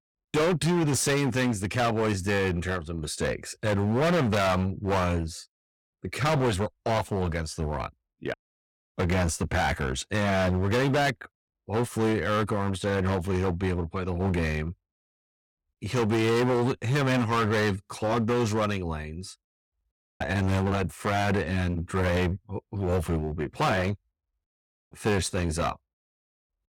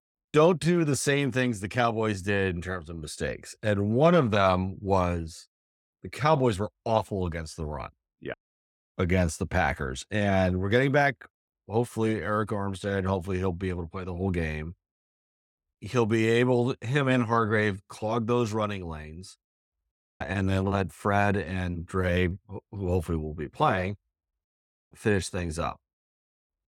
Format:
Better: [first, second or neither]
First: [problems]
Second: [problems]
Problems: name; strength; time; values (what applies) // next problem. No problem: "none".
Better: second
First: distortion; heavy; 16% of the sound clipped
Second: none